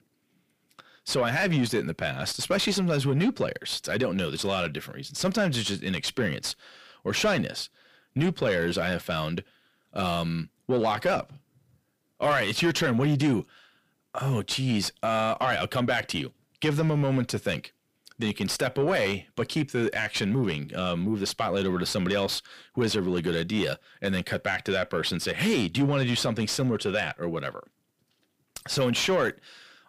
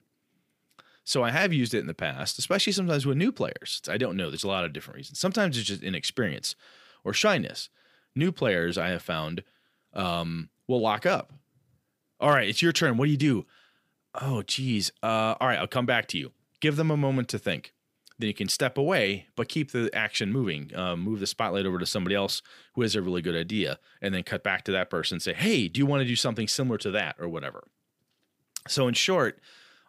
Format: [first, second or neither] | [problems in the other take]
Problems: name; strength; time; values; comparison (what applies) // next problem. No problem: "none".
second | distortion; slight; 10 dB below the speech